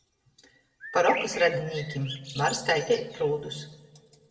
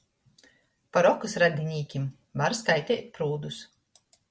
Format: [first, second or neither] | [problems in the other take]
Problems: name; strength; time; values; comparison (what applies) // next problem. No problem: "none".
second | background sound (Bird); 11 dB below the speech // room echo; dies away in 1.1 s